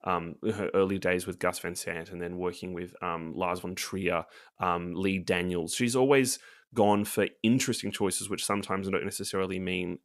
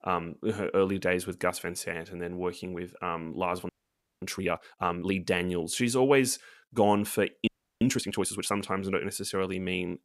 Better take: first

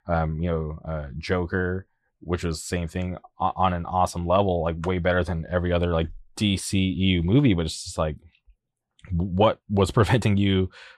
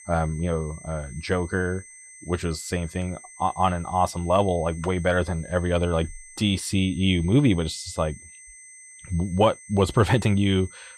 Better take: first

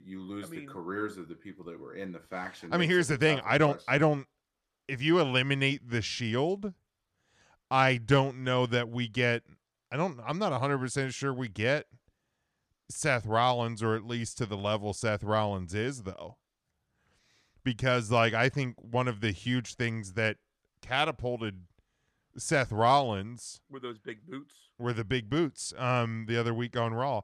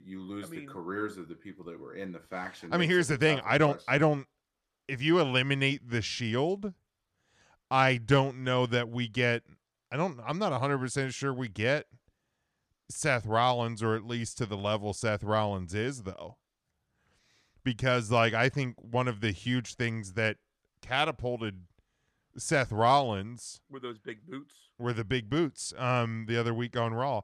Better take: neither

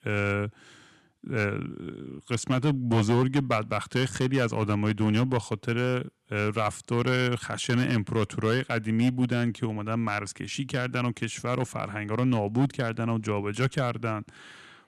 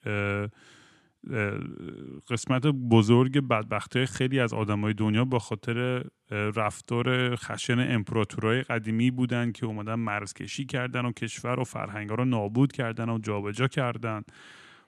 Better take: second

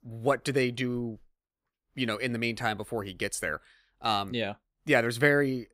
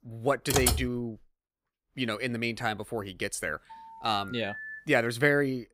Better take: first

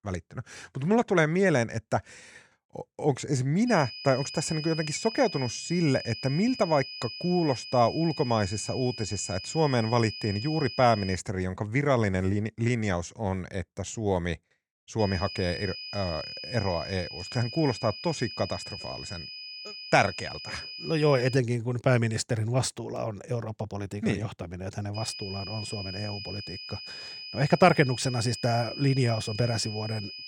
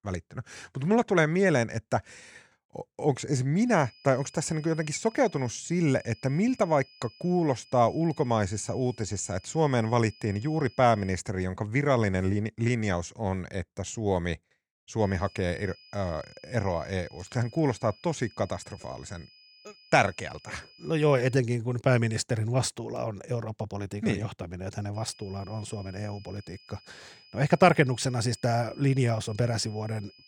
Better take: second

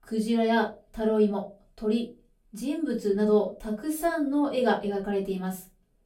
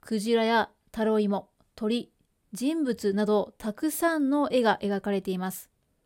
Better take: second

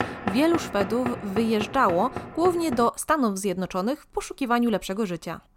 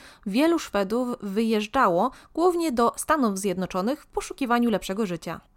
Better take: second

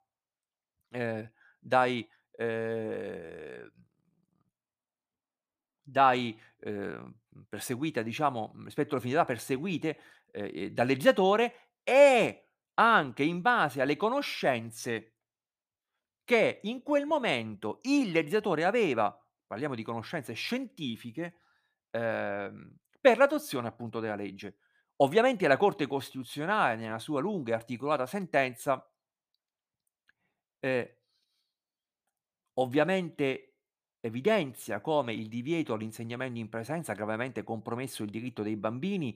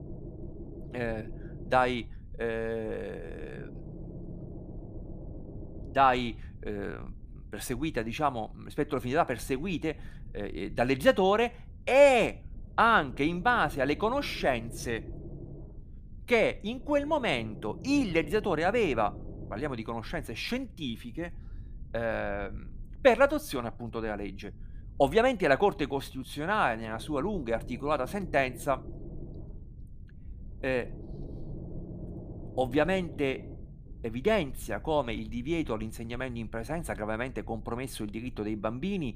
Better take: first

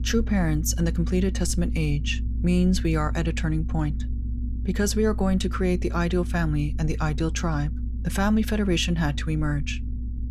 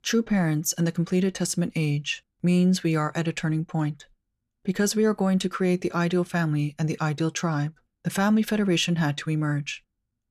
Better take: second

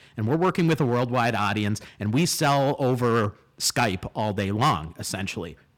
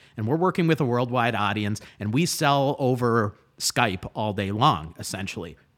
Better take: second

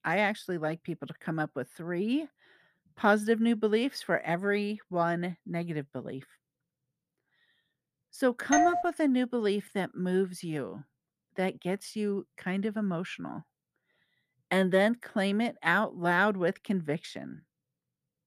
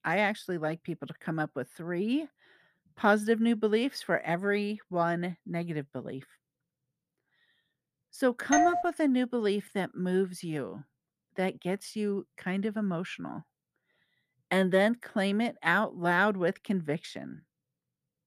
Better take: neither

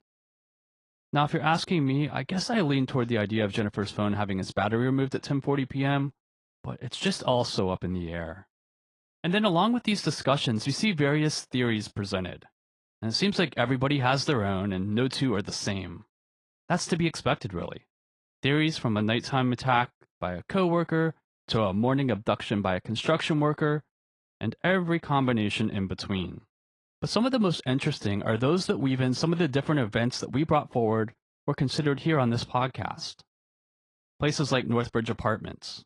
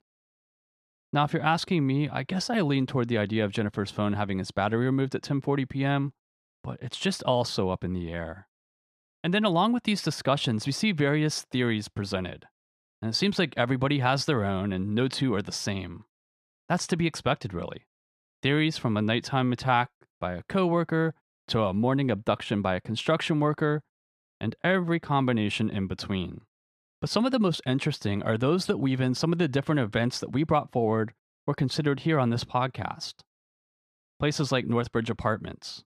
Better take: second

